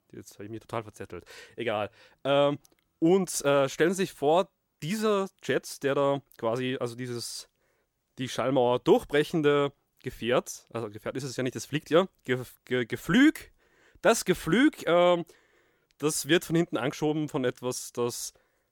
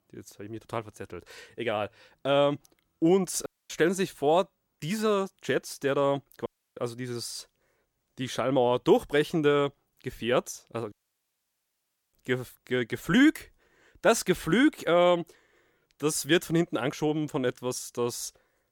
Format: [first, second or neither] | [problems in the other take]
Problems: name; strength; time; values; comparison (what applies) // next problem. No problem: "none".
first | audio cutting out; at 3.5 s, at 6.5 s and at 11 s for 1 s